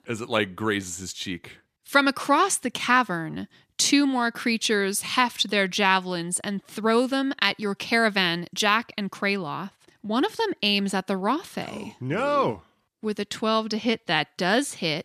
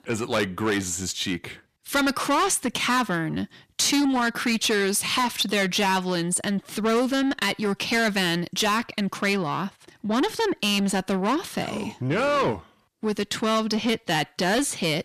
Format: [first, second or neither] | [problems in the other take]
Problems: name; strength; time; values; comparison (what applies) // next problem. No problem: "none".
first | distortion; heavy; 7 dB below the speech